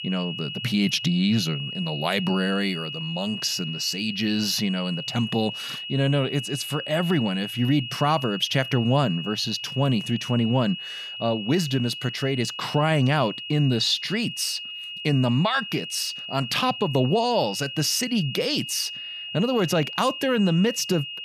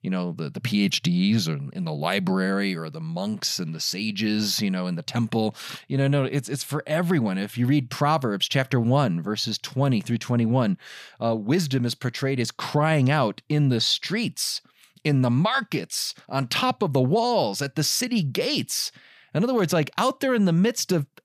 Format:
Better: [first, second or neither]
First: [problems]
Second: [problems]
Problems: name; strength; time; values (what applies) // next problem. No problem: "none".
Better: second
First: high-pitched whine; loud; throughout; 3 kHz, 8 dB below the speech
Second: none